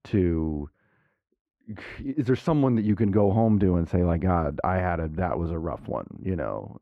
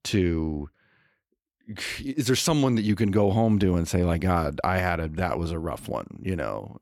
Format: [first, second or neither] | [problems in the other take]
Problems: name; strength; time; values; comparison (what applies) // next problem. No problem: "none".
second | muffled; very; fading above 3 kHz